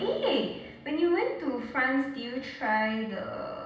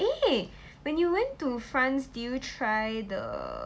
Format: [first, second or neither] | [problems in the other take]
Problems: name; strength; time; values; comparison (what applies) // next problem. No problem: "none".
second | background sound (Drum); 20 dB below the speech // room echo; dies away in 0.9 s